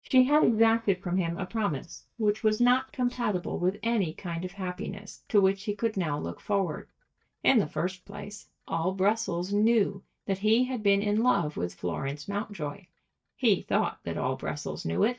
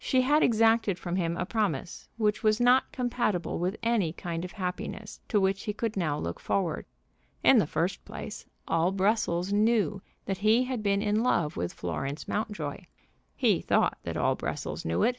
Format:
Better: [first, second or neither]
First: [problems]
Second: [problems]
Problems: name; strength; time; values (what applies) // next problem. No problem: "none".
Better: second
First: noise reduction (neural mask model DeepFilterNet 3)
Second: none